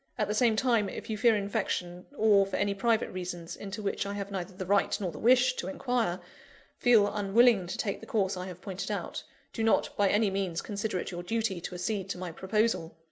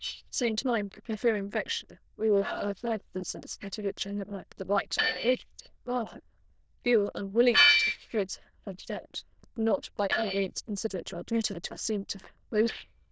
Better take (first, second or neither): first